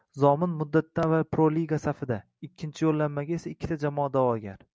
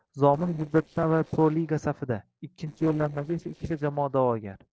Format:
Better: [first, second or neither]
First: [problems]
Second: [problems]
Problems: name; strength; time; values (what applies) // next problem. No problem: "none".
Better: first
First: none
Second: noise reduction (neural separator model SepFormer DNS4)